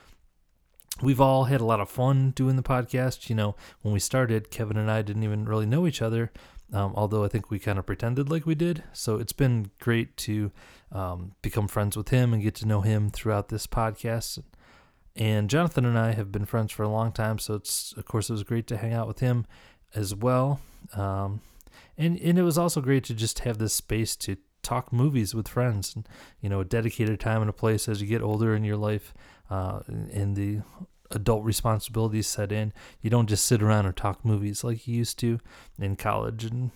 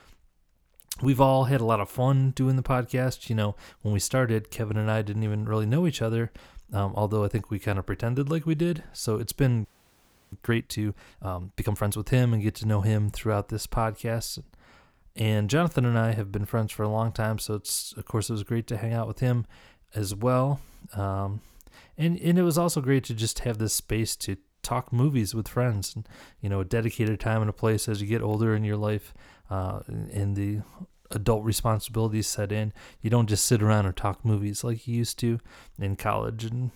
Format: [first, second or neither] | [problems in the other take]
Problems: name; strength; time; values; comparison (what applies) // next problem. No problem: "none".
first | audio freezing; at 9.5 s for 0.5 s